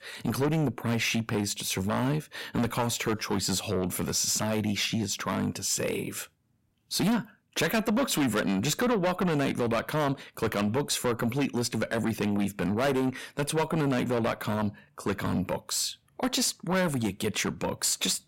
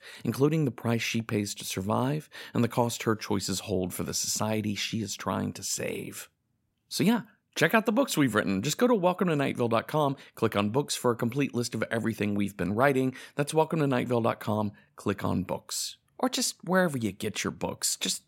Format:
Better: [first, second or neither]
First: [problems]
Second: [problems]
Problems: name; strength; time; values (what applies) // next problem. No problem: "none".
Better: second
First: distortion; heavy; 6 dB below the speech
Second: none